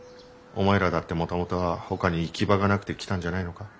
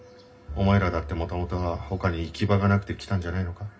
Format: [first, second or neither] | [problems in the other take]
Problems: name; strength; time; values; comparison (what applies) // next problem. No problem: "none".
first | background sound (Bowed string instrument); 13 dB below the speech // room echo; dies away in 0.4 s